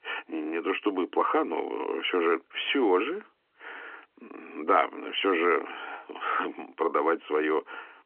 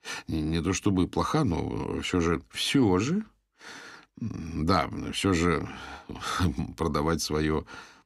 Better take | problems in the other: second | phone-call audio; nothing above 3 kHz

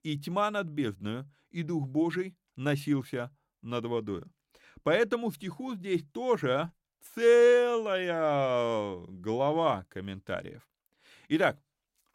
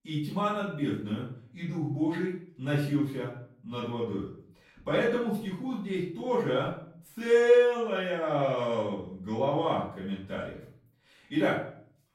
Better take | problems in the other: first | off-mic speech; far // room echo; noticeable; dies away in 0.5 s

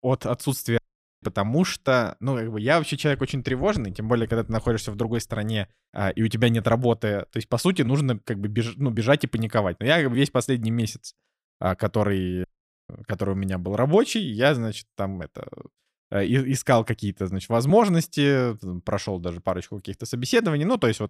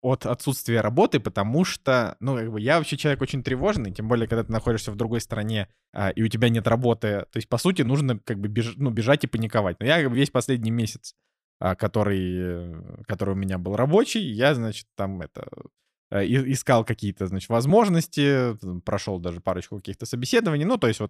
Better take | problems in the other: second | audio cutting out; at 1 s and at 12 s

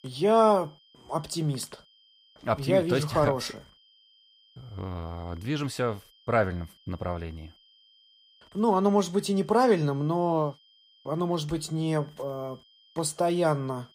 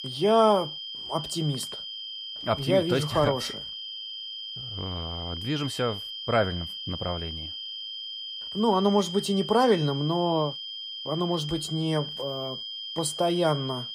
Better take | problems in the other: first | high-pitched whine; loud; throughout; 3 kHz, 8 dB below the speech; faint in the first

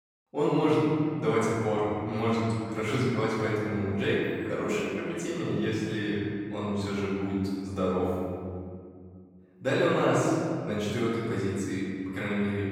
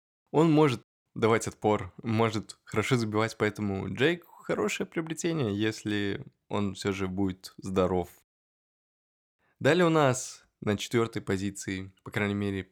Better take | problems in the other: second | off-mic speech; far // room echo; strong; dies away in 2.2 s

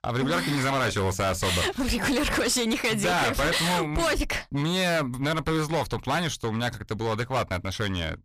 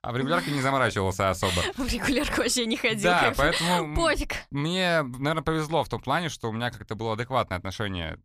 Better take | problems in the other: second | distortion; heavy; 19% of the sound clipped

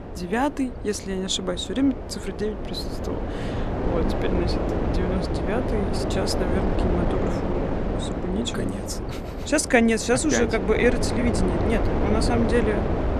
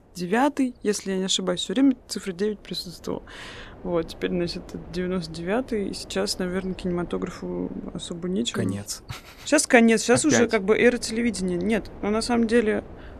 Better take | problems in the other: second | wind noise on the microphone; heavy; 3 dB below the speech; occasional gusts in the second

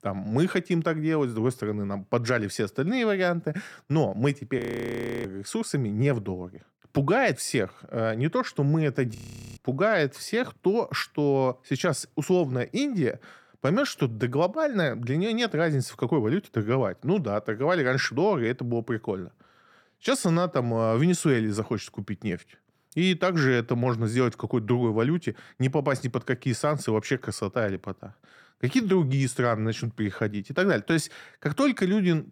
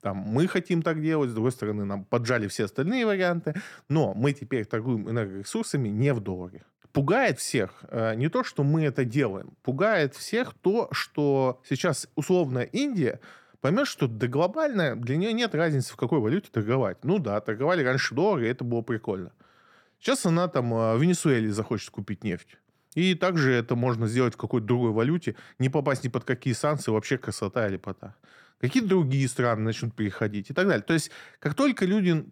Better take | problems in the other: second | audio freezing; at 4.5 s for 0.5 s and at 9 s

